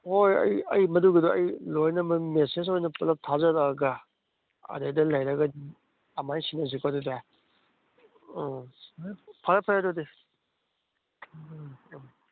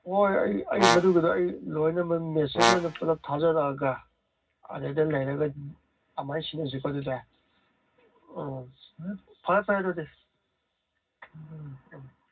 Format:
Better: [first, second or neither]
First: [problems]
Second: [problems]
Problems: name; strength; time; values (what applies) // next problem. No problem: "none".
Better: first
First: none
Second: background sound (Brass instrument); 1 dB above the speech // room echo; dies away in 0.4 s